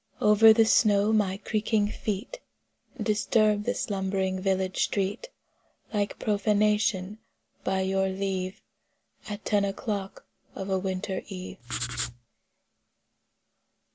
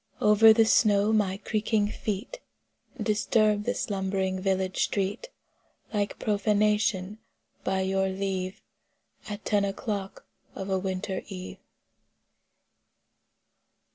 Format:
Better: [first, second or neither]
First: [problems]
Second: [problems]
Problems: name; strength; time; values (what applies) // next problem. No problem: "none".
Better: second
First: background sound (Writing); 7 dB below the speech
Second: none